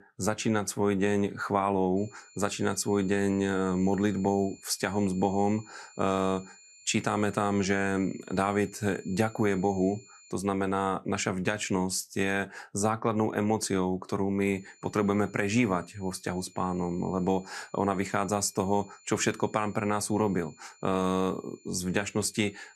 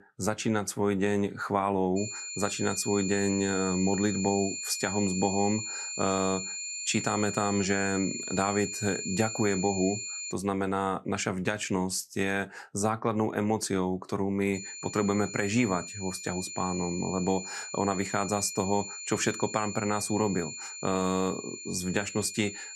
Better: first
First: high-pitched whine; faint; from 2 to 10 s and from 15 s on; 7 kHz, 25 dB below the speech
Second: high-pitched whine; loud; from 2 to 10 s and from 15 s on; 7 kHz, 6 dB below the speech

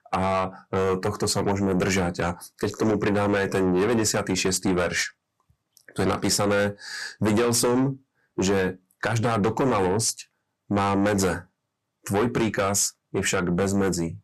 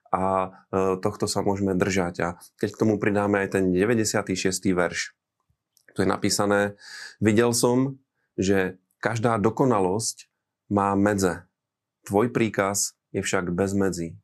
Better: second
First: distortion; heavy; 6 dB below the speech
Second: none

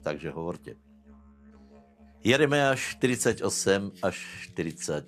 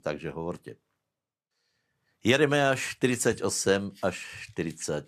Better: second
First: background music; faint; throughout; 30 dB below the speech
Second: none

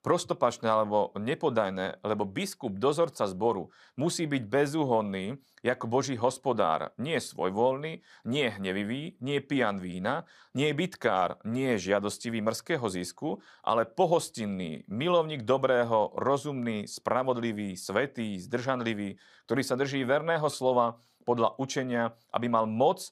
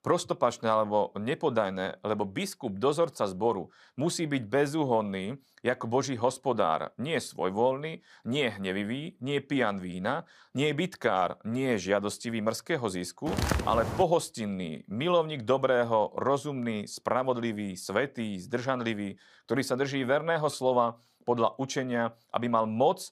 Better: first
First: none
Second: footsteps; loud; at 13 s; peak level with the speech

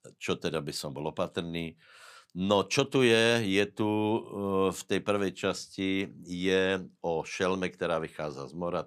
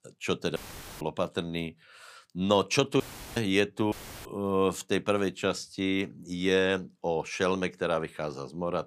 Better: first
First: none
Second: audio cutting out; filled with static; at 0.5 s, at 3 s and at 4 s

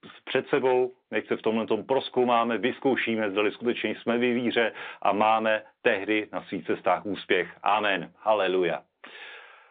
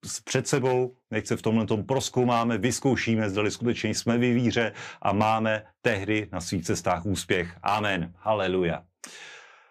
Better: second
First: phone-call audio; nothing above 3.5 kHz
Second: none

